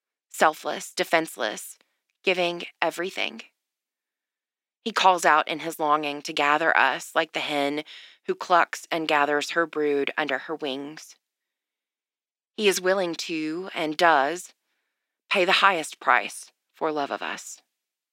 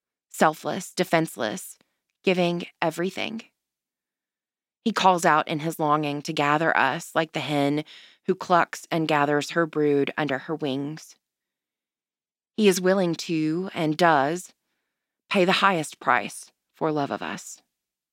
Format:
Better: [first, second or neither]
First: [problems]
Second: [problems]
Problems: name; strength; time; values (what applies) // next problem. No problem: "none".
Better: second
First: thin; somewhat; fading below 350 Hz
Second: none